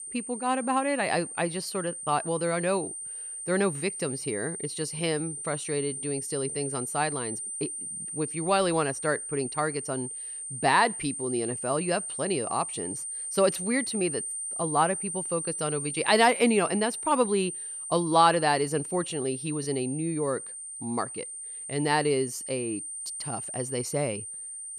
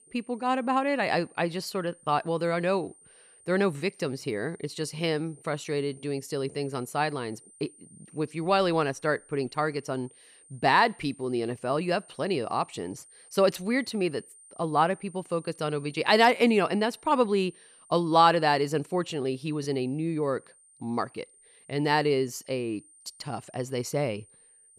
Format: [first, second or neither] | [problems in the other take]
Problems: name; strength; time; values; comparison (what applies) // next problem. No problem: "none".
second | high-pitched whine; loud; throughout; 9 kHz, 5 dB below the speech; faint in the second